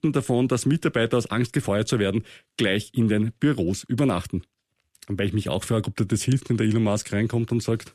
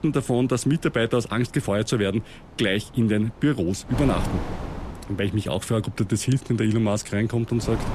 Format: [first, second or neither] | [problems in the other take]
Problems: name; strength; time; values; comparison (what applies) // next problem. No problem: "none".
first | wind noise on the microphone; occasional gusts; 15 dB below the speech